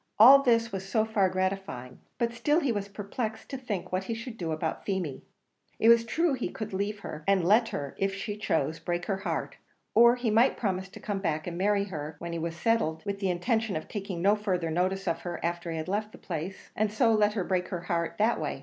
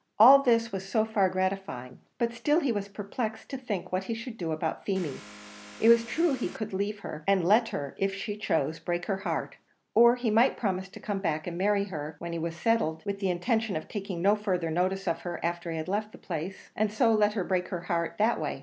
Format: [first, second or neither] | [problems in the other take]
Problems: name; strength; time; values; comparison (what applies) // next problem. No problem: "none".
first | background sound (Vehicle); 18 dB below the speech